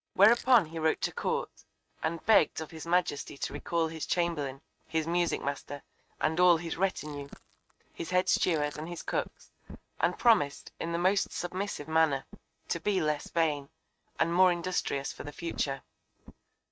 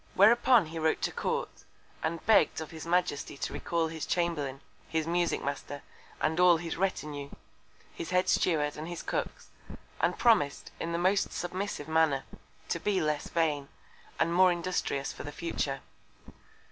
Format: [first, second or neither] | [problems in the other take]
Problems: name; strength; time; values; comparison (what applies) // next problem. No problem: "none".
second | noise reduction (neural mask model RNNoise)